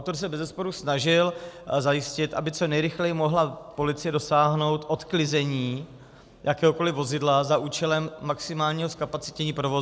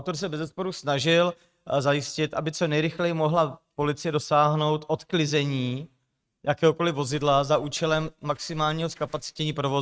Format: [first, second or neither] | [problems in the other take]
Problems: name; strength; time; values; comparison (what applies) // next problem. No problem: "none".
first | noise reduction (neural mask model RNNoise)